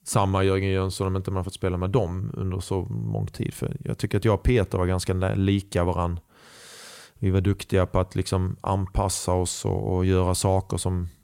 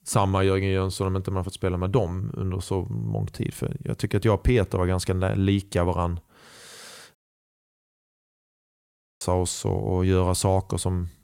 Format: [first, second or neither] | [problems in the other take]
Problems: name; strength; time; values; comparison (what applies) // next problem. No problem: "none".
first | audio cutting out; at 7 s for 2 s